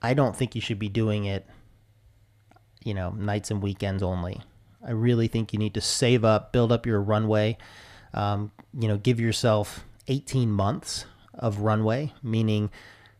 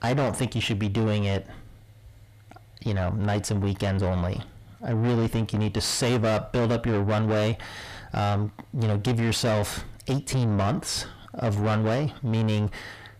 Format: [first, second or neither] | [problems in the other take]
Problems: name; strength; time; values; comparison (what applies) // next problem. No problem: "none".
first | distortion; heavy; 7 dB below the speech